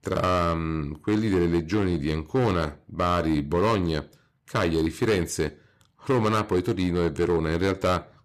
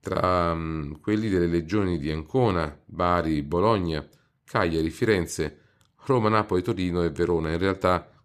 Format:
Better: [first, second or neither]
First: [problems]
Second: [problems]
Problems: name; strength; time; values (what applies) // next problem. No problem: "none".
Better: second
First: distortion; slight; 8% of the sound clipped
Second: none